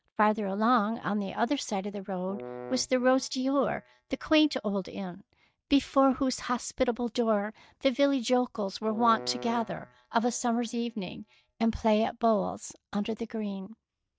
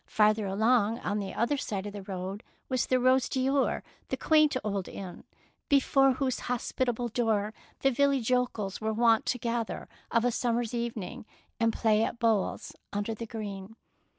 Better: second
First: noise reduction (neural mask model DeepFilterNet 3)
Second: none

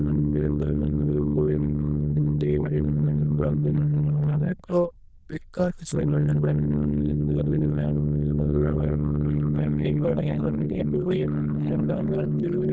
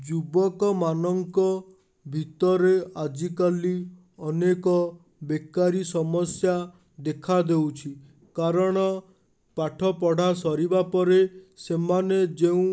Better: second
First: noise reduction (neural diffusion model UNIVERSE++)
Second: none

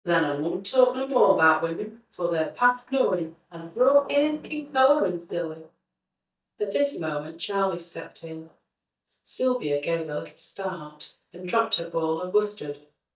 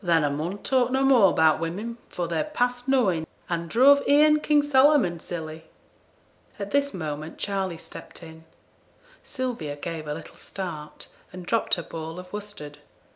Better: second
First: noise reduction (neural mask model DeepFilterNet 3)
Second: none

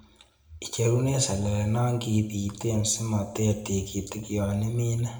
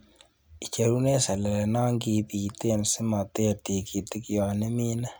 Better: second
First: room echo; dies away in 0.7 s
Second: none

